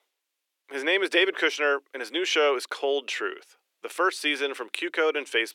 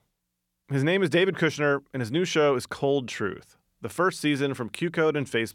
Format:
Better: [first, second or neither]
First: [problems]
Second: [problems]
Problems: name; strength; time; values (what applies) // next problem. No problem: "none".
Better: second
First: thin; very; fading below 350 Hz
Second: none